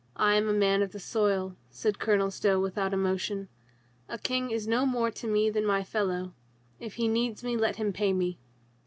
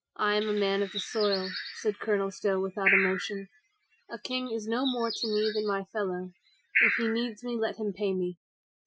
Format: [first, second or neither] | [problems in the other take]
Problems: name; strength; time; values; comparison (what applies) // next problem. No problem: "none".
first | noise reduction (classical method Wiener filter)